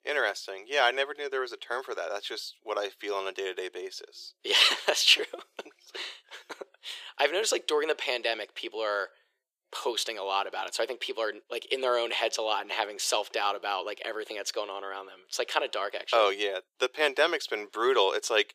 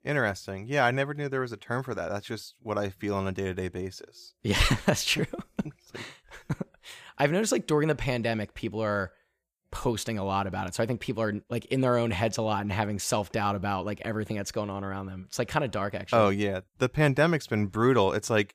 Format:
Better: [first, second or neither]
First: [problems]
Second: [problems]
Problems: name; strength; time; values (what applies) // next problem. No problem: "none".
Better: second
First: thin; very; fading below 400 Hz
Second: none